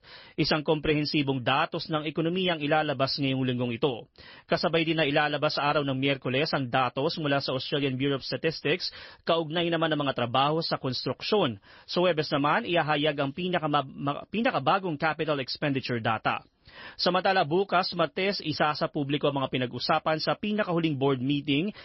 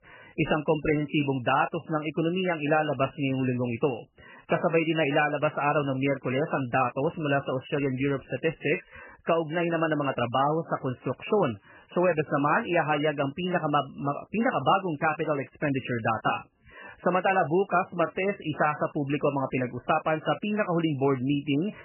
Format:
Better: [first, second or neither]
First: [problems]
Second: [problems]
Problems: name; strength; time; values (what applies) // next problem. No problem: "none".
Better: first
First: garbled, watery; slightly; nothing above 5.5 kHz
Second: garbled, watery; badly; nothing above 3 kHz